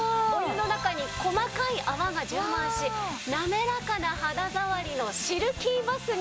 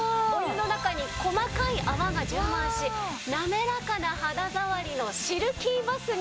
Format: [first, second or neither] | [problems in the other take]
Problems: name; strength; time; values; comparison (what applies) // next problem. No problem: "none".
first | background sound (Animal); 7 dB below the speech